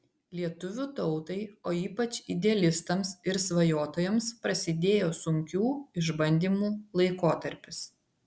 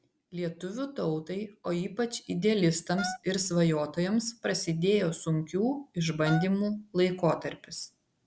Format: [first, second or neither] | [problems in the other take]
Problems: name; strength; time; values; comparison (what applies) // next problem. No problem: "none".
first | background sound (Wind instrument, woodwind instrument); 10 dB below the speech